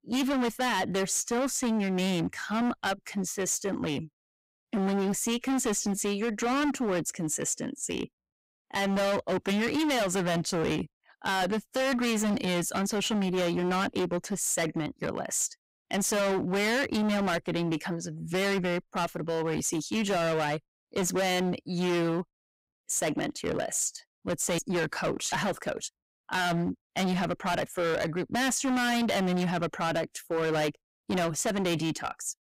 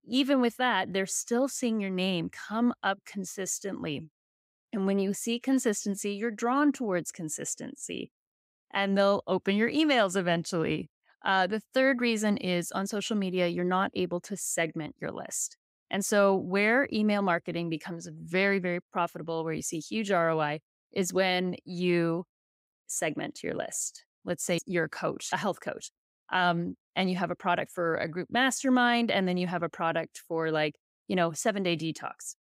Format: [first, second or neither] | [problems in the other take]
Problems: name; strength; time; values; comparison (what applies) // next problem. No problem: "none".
second | distortion; heavy; 24% of the sound clipped